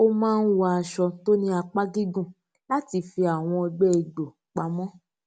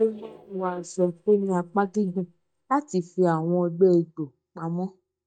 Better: first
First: none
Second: noise reduction (neural mask model DeepFilterNet 3)

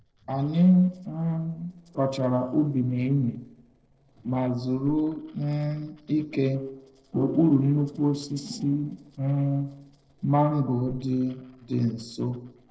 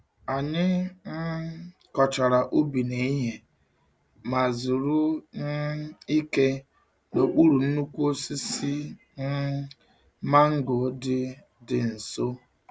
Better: second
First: noise reduction (neural separator model SepFormer DNS4)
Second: none

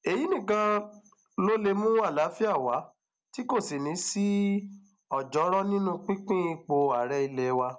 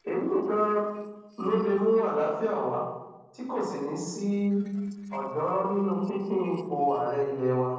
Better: first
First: none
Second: noise reduction (neural separator model SepFormer DNS4)

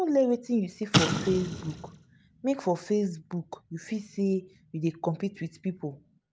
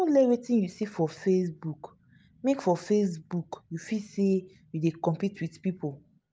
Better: second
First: background sound (Explosion); 1 dB below the speech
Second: none

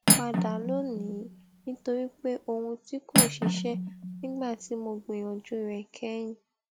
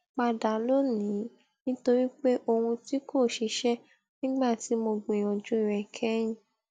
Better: second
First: background sound (Cutlery, silverware); 4 dB above the speech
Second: none

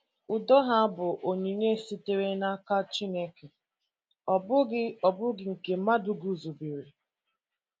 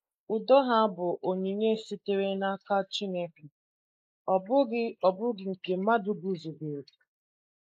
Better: first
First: none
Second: noise reduction (neural mask model Resemble Enhance denoiser)

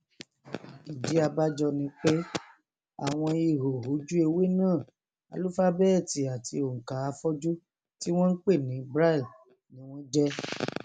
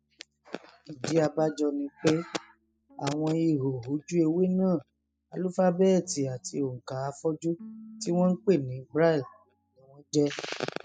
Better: first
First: none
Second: noise reduction (classical method spectral subtraction)

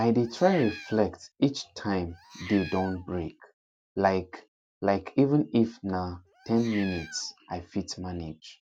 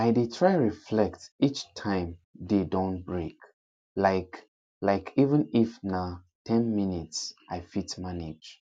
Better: second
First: background sound (Meow); 17 dB below the speech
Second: none

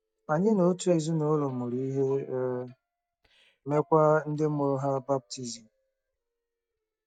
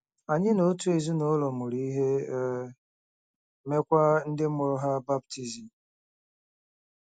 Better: second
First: noise reduction (neural mask model DeepFilterNet 3)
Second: none

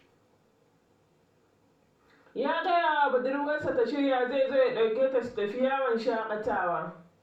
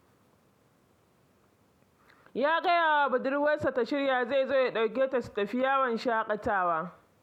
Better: second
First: room echo; dies away in 0.4 s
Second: none

